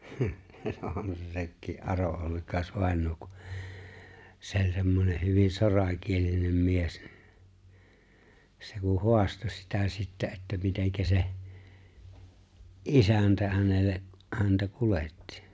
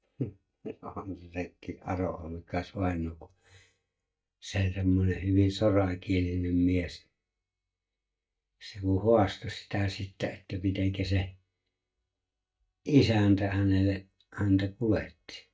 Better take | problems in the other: first | noise reduction (neural mask model DeepFilterNet 3)

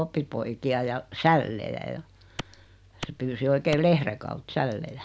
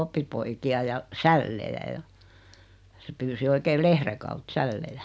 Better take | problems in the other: second | background sound (Clapping); 11 dB below the speech

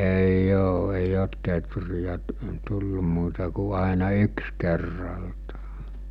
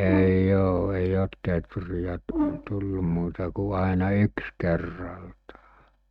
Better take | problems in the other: first | noise reduction (neural mask model RNNoise)

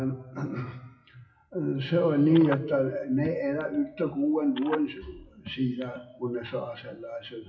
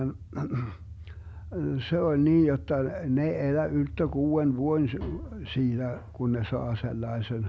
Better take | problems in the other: second | noise reduction (classical method WPE with log-MMSE)

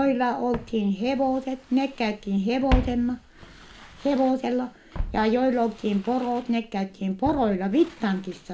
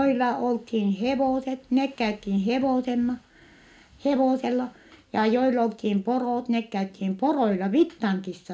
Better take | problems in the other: second | background sound (Walk, footsteps); 10 dB below the speech

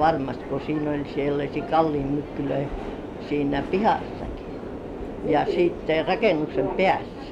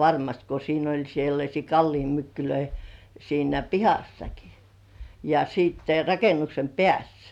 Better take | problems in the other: second | background sound (Subway, metro, underground); 7 dB below the speech

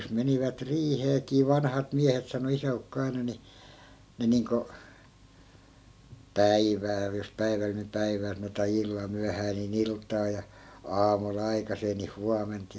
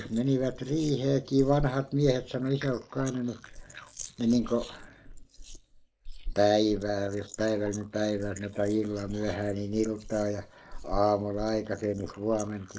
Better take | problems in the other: first | noise reduction (neural mask model Resemble Enhance denoiser)

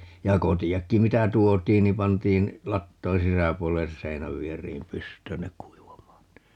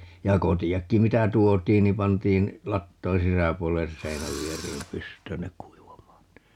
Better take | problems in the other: first | background sound (Engine / Drill); 17 dB below the speech

